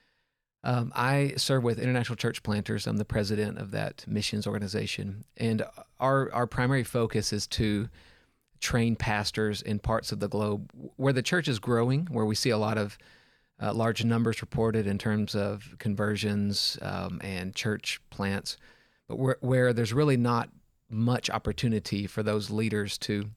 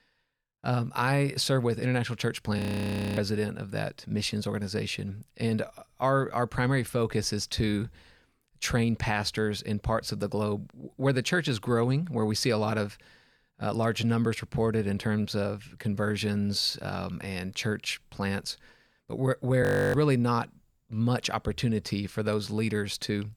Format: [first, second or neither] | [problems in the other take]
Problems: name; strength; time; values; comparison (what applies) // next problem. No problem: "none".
first | audio freezing; at 2.5 s for 0.5 s and at 20 s